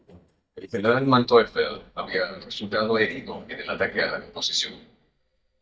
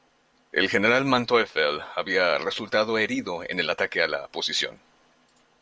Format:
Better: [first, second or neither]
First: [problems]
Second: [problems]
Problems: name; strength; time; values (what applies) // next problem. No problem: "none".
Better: second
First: noise reduction (neural mask model DeepFilterNet 3)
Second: none